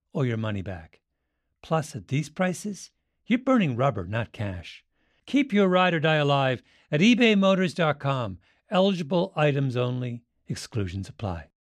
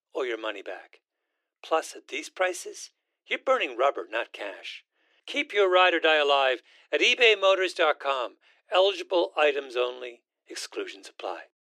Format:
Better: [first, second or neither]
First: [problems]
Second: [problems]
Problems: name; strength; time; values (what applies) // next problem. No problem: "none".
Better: first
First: none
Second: thin; very; fading below 350 Hz